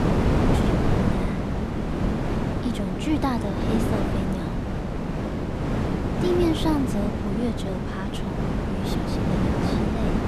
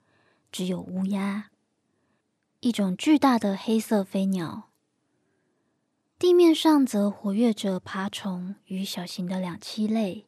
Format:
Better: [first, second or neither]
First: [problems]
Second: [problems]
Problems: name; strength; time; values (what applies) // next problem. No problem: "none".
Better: second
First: wind noise on the microphone; heavy; 2 dB above the speech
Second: none